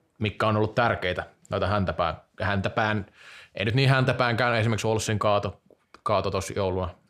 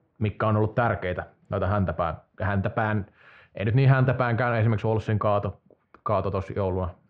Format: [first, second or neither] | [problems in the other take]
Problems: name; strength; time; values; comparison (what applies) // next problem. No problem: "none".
first | muffled; very; fading above 2 kHz